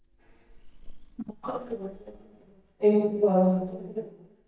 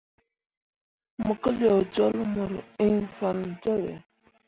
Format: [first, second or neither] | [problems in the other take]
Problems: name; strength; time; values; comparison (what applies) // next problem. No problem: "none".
second | noise reduction (neural mask model DeepFilterNet 3)